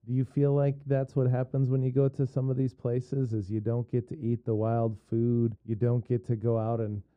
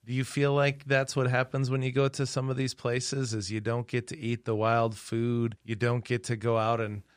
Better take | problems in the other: second | muffled; very; fading above 1 kHz

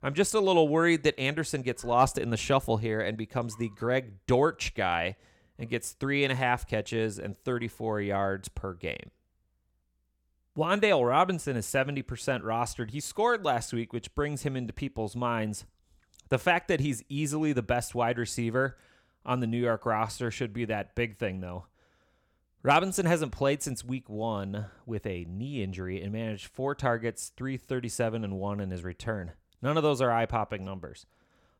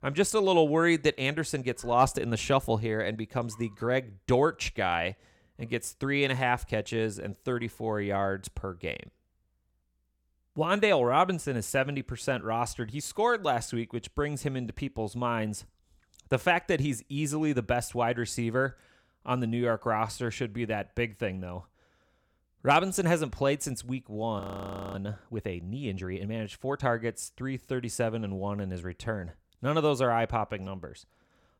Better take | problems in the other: first | audio freezing; at 24 s for 0.5 s

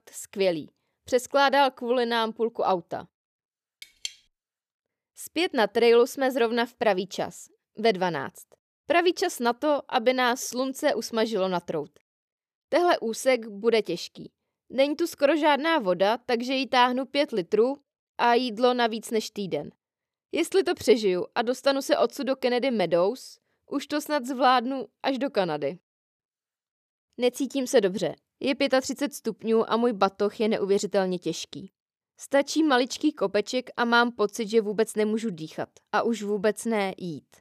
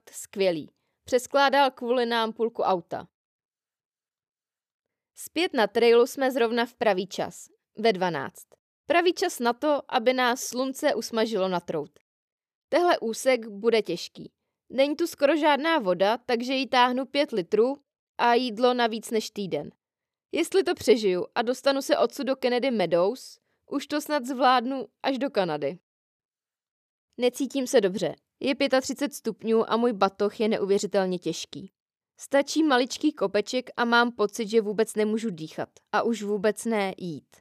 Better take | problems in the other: second | clattering dishes; very faint; at 4 s; peak 10 dB below the speech

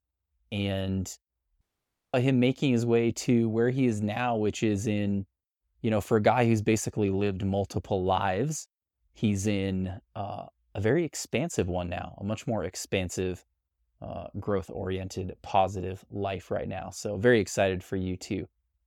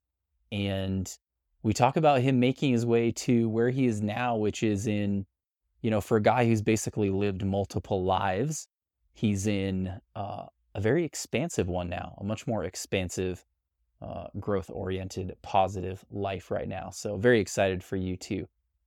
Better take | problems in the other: second | audio cutting out; at 1.5 s for 0.5 s

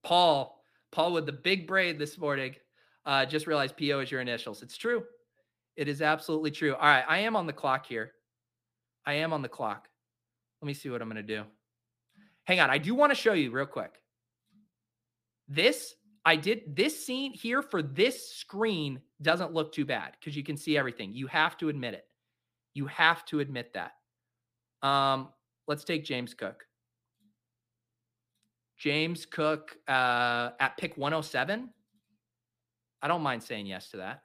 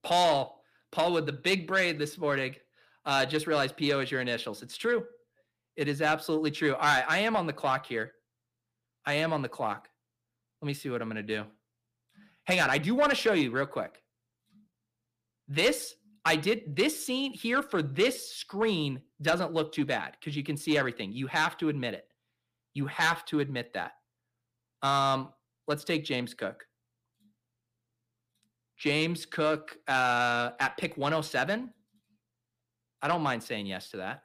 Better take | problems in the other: first | distortion; slight; 10 dB below the speech

